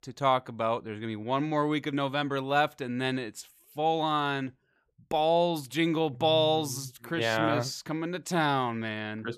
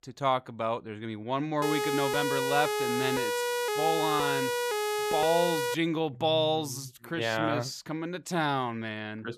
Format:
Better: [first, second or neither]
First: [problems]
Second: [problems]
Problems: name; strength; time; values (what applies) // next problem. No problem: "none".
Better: first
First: none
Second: siren; loud; from 1.5 to 6 s; peak 1 dB above the speech